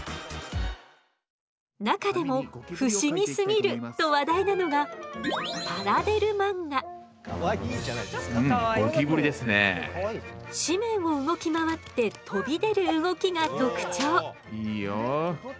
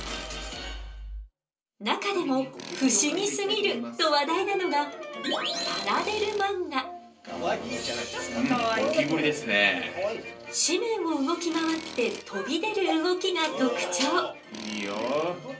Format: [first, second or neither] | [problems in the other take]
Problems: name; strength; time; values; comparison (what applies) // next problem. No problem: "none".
first | background sound (Tools); 19 dB below the speech // room echo; dies away in 0.3 s